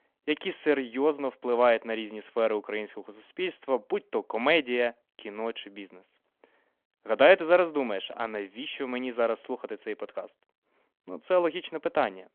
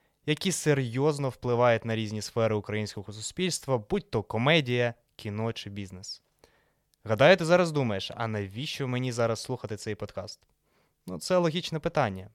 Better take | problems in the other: second | phone-call audio

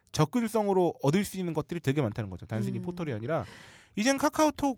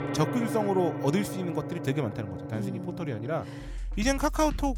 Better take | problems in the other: first | background music; loud; throughout; 6 dB below the speech

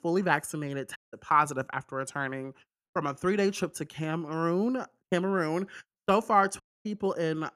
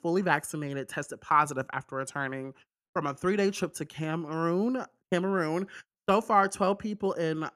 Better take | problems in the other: second | audio cutting out; at 1 s and at 6.5 s

